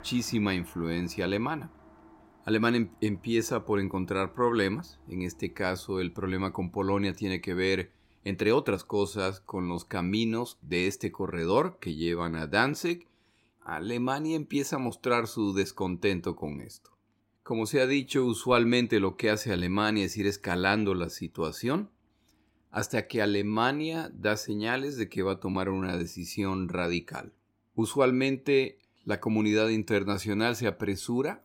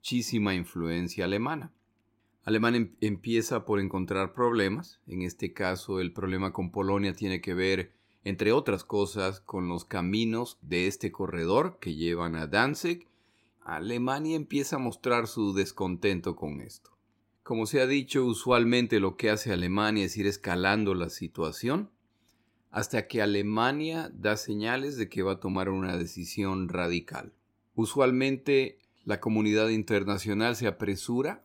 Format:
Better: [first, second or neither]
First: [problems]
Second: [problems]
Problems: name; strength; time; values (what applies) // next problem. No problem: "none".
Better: second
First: background music; faint; throughout; 30 dB below the speech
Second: none